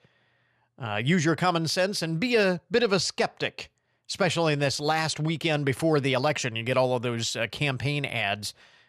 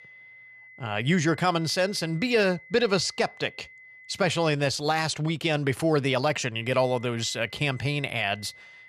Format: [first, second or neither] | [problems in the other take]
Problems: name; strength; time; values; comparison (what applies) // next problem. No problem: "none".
first | high-pitched whine; faint; until 4.5 s and from 6.5 s on; 2 kHz, 20 dB below the speech